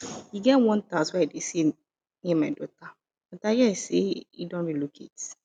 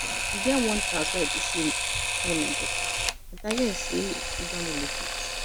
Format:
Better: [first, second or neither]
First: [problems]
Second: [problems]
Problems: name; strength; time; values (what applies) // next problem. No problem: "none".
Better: first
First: none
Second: background sound (Camera); 2 dB above the speech